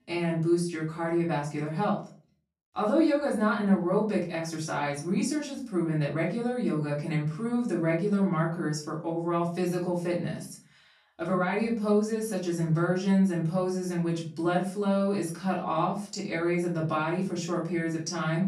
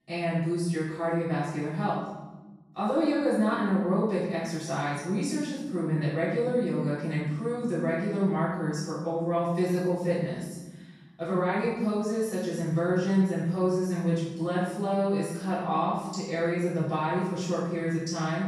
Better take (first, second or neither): first